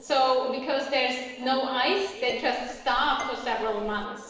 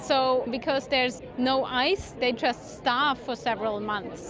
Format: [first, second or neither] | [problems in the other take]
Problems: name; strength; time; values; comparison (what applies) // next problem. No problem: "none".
second | noise reduction (neural separator model SepFormer DNS4)